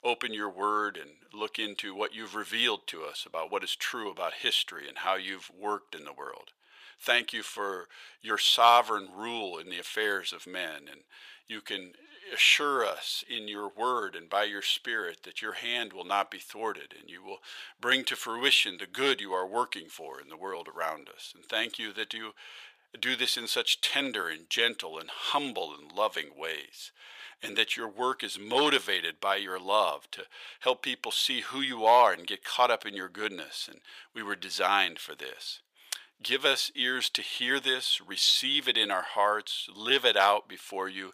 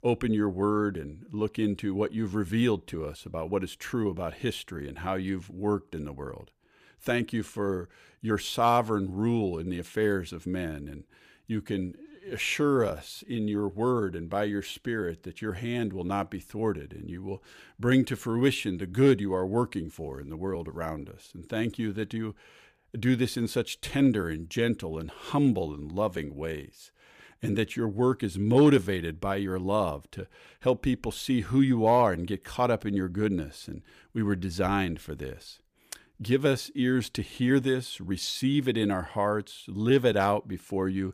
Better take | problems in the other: second | thin; very; fading below 850 Hz

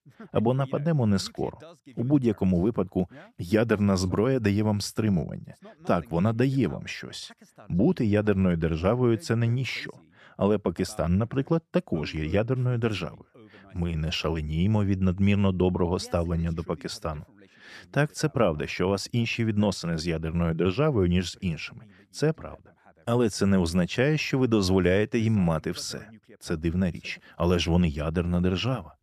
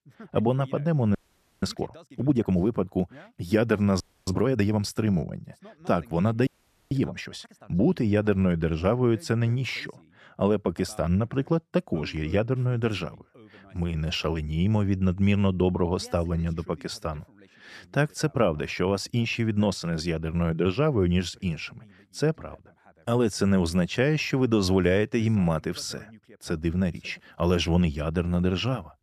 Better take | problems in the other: first | audio freezing; at 1 s, at 4 s and at 6.5 s

